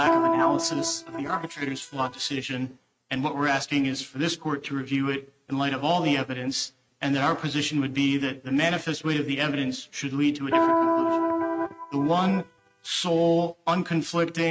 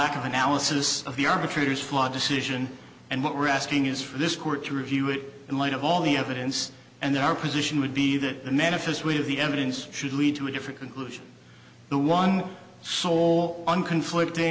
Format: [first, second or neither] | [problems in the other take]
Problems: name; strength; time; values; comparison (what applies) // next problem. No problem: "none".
second | noise reduction (neural mask model RNNoise)